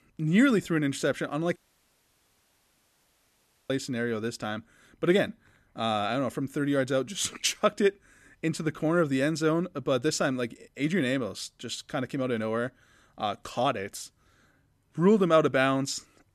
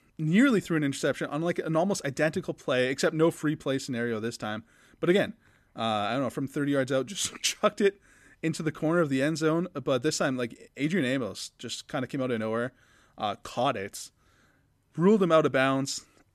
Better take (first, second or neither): second